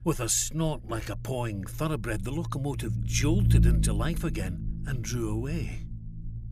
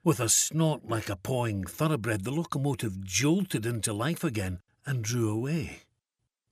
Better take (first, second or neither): second